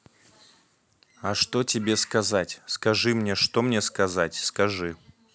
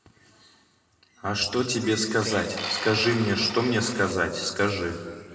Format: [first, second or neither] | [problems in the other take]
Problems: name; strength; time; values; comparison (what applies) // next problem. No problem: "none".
first | background sound (Tools); 11 dB below the speech // room echo; dies away in 2 s